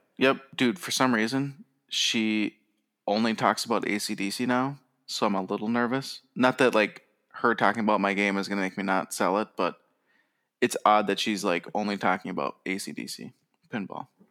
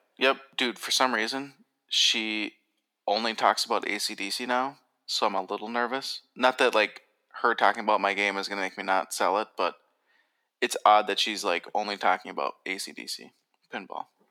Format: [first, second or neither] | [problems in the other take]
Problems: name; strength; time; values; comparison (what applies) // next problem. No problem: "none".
first | thin; somewhat; fading below 400 Hz